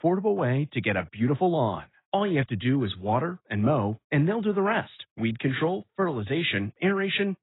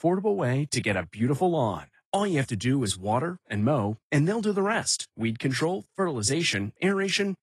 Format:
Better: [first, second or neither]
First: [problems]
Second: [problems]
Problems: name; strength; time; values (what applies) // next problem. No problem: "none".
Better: second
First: garbled, watery; badly; nothing above 4 kHz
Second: garbled, watery; slightly